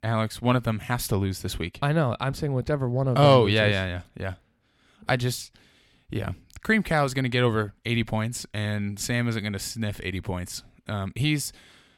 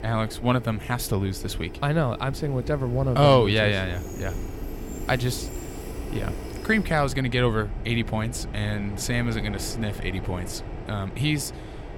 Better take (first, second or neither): first